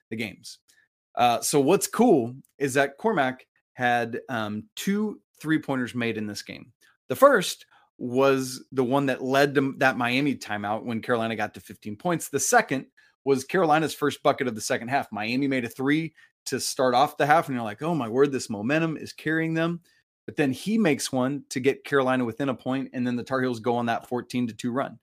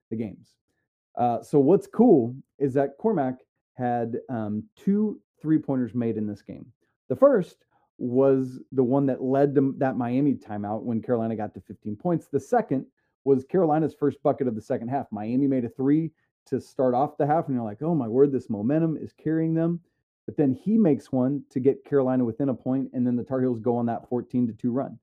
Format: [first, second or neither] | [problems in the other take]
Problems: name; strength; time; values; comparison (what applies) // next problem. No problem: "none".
first | muffled; very; fading above 1 kHz